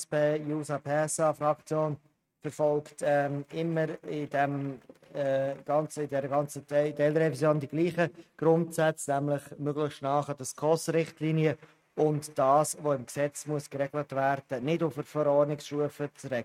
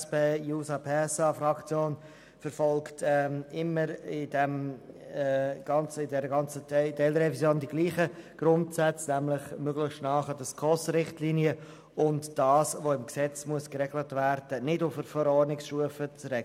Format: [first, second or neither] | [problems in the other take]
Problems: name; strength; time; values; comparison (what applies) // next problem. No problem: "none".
second | noise reduction (neural mask model RNNoise)